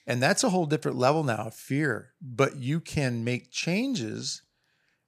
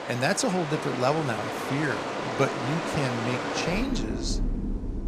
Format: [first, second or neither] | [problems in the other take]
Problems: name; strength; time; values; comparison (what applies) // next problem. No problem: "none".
first | rain or running water; loud; throughout; 2 dB below the speech